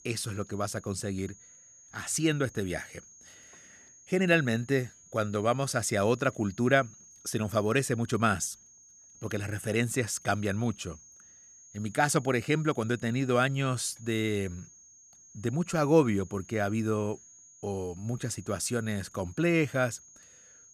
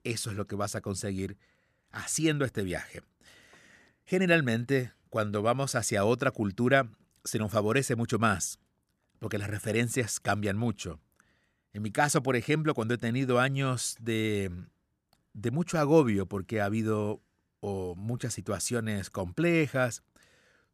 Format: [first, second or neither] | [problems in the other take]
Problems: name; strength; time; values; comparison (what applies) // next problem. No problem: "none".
second | high-pitched whine; faint; throughout; 6.5 kHz, 20 dB below the speech